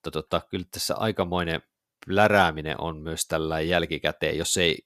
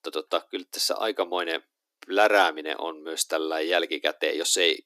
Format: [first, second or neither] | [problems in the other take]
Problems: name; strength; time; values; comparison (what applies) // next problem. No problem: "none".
first | thin; somewhat; fading below 300 Hz